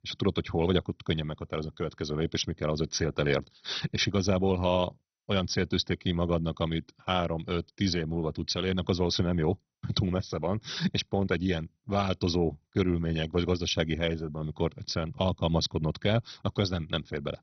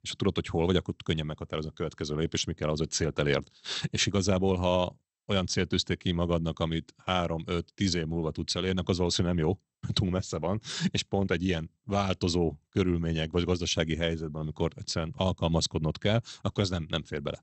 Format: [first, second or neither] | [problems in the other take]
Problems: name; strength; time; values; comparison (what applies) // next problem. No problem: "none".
second | garbled, watery; badly; nothing above 6 kHz; slightly in the second